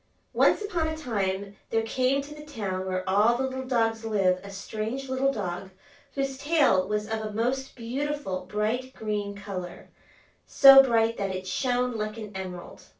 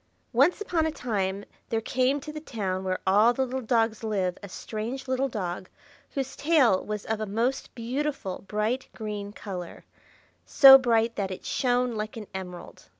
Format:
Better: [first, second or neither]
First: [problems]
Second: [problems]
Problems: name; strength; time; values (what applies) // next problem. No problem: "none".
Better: second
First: room echo; dies away in 0.2 s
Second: none